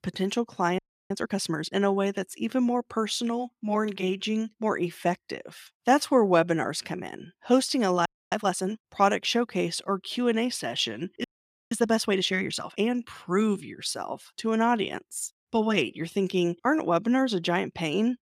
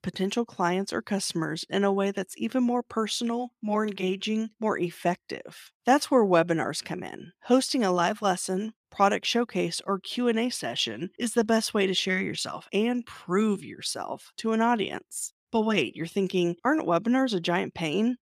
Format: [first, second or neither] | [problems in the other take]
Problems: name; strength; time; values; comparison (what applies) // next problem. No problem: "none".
second | audio freezing; at 1 s, at 8 s and at 11 s